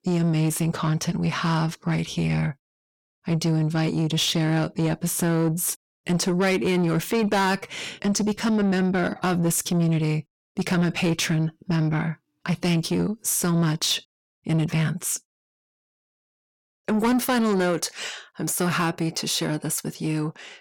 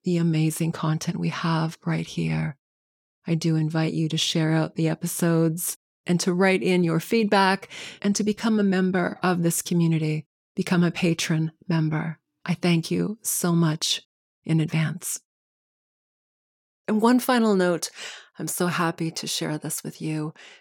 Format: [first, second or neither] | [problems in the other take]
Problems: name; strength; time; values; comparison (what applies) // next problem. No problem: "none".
second | distortion; slight; 10 dB below the speech